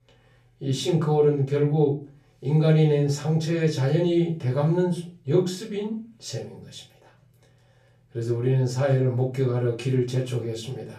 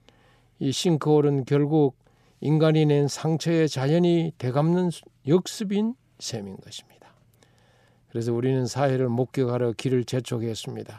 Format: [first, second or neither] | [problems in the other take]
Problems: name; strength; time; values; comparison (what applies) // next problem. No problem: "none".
second | off-mic speech; far // room echo; slight; dies away in 0.3 s